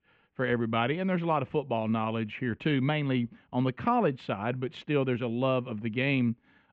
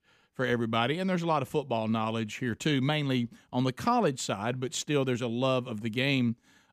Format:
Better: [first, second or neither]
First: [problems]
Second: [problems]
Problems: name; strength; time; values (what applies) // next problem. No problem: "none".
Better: second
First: muffled; very; fading above 2.5 kHz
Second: none